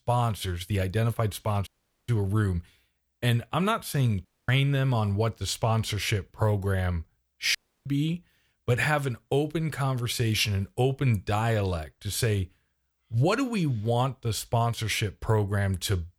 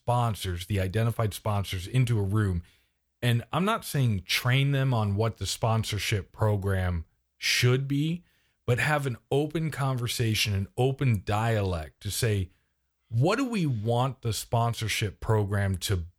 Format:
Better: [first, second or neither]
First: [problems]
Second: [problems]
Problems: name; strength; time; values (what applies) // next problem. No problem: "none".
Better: second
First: audio cutting out; at 1.5 s, at 4.5 s and at 7.5 s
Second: none